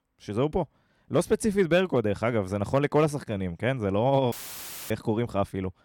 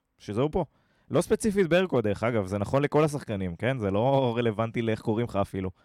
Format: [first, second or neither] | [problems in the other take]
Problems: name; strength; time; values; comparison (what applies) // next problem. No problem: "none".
second | audio cutting out; filled with static; at 4.5 s for 0.5 s